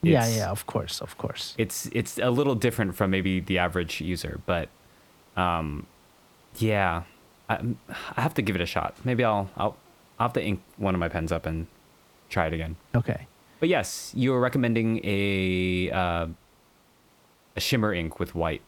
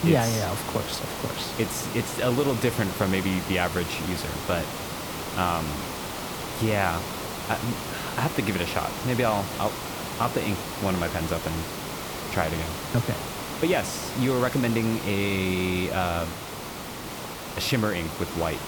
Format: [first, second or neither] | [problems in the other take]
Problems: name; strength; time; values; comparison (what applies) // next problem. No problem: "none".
first | hiss; loud; throughout; 5 dB below the speech; faint in the first